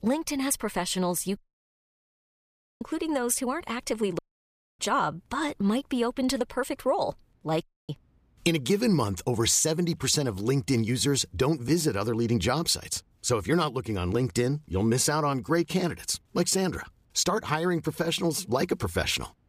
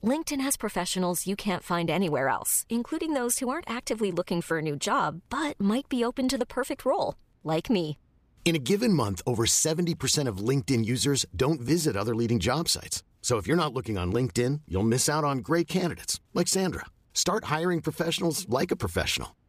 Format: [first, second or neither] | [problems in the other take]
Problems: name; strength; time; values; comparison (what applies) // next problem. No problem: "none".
second | audio cutting out; at 1.5 s for 1.5 s, at 4 s for 0.5 s and at 7.5 s